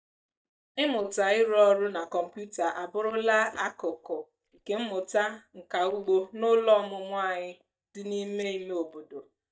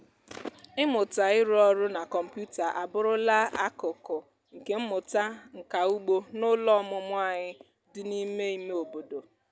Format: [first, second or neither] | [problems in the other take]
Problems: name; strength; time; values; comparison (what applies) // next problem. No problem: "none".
second | noise reduction (neural mask model DeepFilterNet 3)